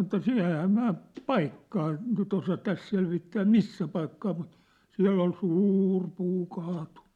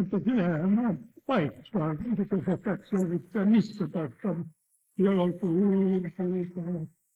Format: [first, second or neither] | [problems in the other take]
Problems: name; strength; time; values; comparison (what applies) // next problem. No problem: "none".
first | noise reduction (neural mask model Resemble Enhance denoiser)